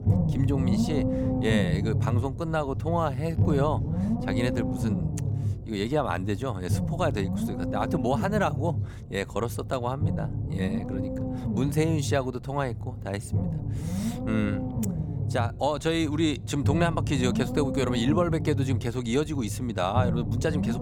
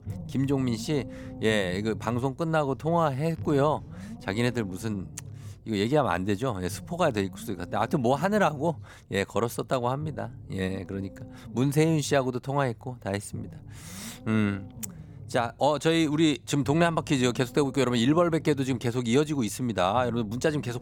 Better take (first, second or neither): second